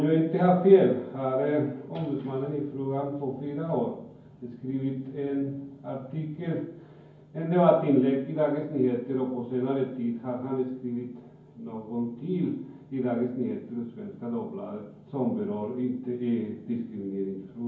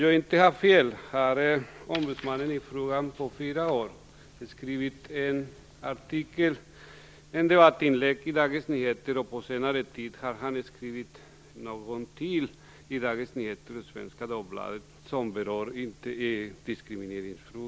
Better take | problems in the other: second | room echo; dies away in 0.9 s

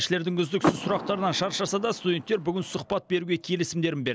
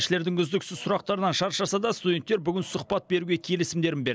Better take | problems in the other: second | background sound (Door / Car); 6 dB below the speech

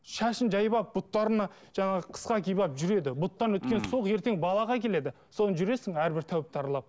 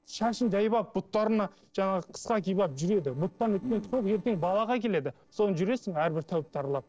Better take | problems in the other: first | noise reduction (neural separator model SepFormer DNS4)

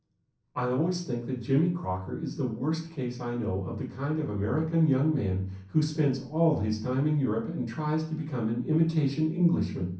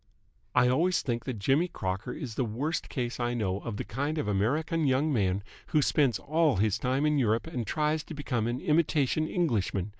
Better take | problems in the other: second | room echo; dies away in 0.6 s

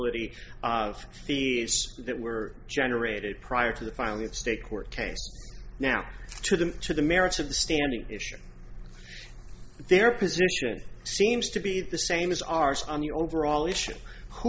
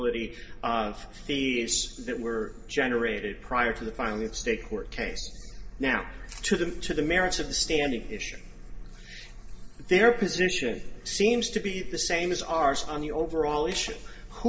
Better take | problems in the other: first | room echo; dies away in 1.5 s

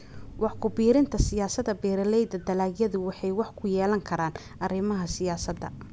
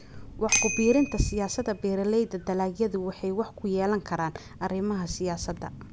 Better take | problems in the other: first | background sound (Bicycle bell); 7 dB below the speech

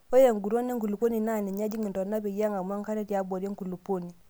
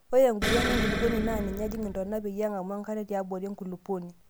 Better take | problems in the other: first | background sound (Explosion); 2 dB below the speech

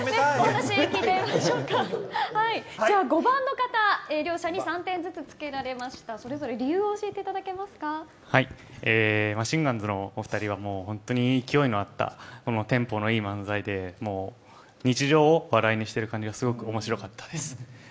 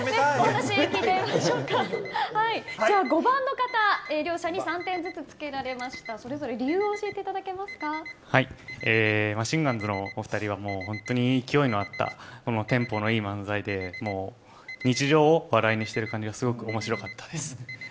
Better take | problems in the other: first | background sound (Alarm); 17 dB below the speech

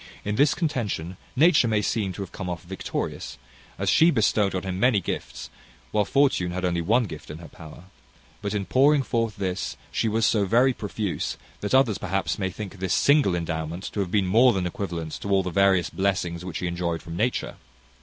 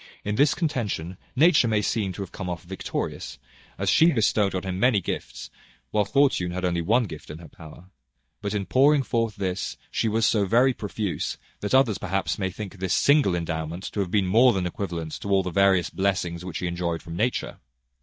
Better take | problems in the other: first | noise reduction (neural mask model DeepFilterNet 3)

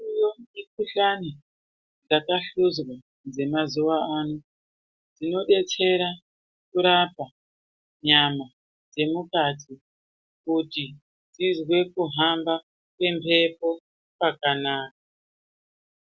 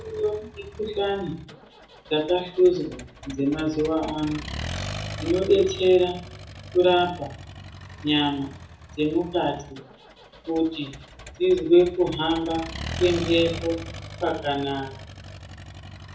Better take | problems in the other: first | background sound (Accelerating, revving, vroom); 13 dB below the speech // room echo; dies away in 0.6 s

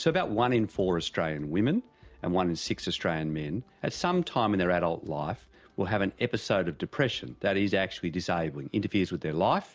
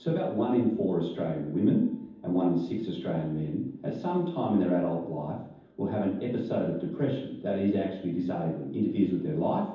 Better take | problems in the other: first | room echo; dies away in 0.9 s

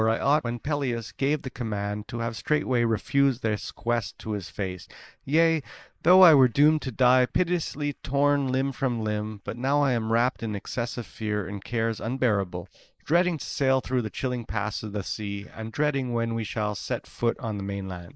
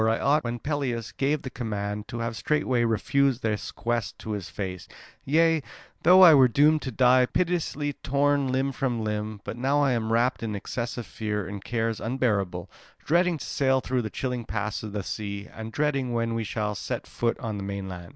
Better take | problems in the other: second | noise reduction (neural mask model Resemble Enhance denoiser)

